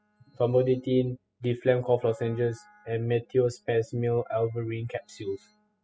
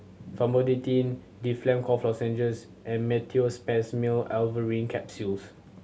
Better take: second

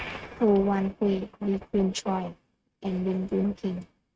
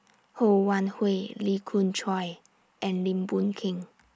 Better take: second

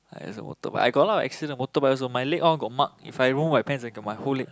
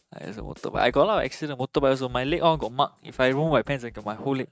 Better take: first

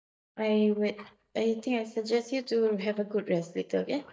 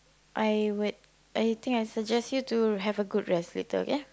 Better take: second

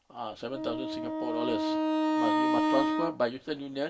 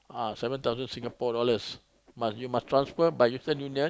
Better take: second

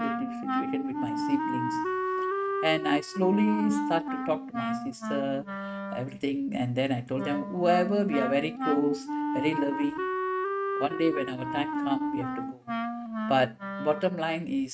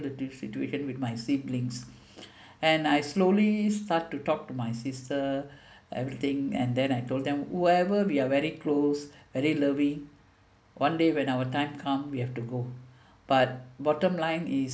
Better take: second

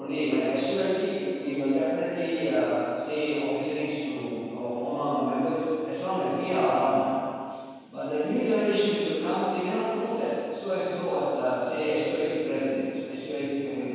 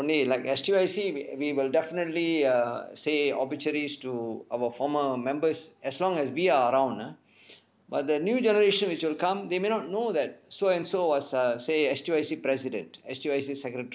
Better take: second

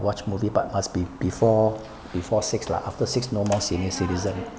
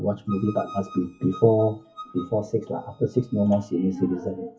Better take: first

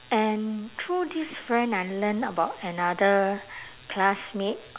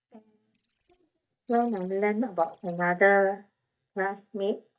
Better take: first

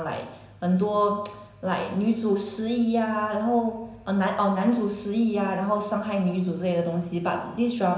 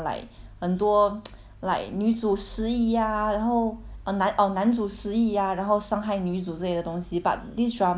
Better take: second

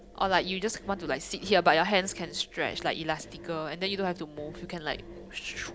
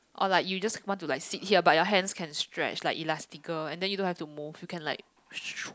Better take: second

